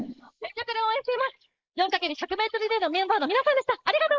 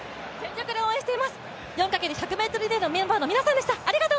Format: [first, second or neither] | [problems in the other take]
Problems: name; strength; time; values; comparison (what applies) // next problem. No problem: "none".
second | noise reduction (neural mask model Resemble Enhance denoiser)